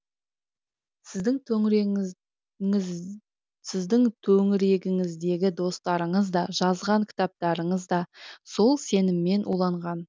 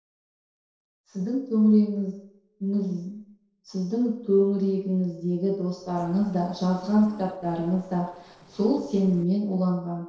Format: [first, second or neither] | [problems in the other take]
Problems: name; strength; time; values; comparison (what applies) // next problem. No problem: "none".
first | noise reduction (neural separator model SepFormer DNS4)